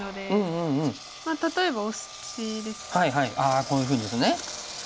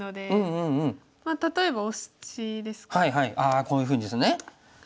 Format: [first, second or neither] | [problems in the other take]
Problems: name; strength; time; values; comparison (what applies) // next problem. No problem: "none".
second | background sound (Engine); 13 dB below the speech